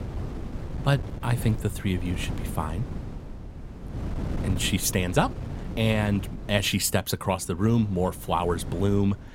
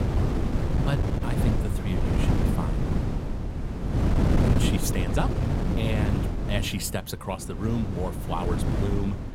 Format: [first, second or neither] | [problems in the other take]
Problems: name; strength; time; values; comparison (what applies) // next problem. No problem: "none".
first | wind noise on the microphone; heavy; as loud as the speech; occasional gusts in the first